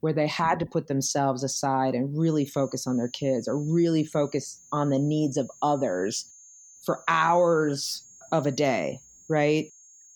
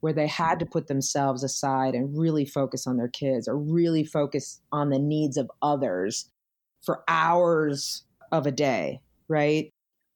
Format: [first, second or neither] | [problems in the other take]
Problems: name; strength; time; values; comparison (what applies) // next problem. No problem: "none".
second | high-pitched whine; faint; from 2 s on; 6.5 kHz, 25 dB below the speech